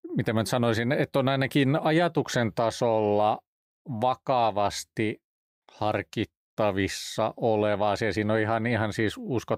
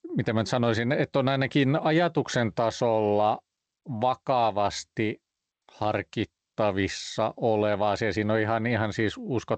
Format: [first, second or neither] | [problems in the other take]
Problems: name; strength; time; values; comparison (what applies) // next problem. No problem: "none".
first | garbled, watery; slightly; nothing above 7.5 kHz